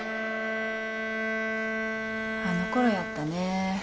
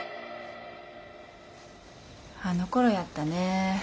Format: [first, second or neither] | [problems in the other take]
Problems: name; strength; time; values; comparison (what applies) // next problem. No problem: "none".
second | background sound (Bowed string instrument); as loud as the speech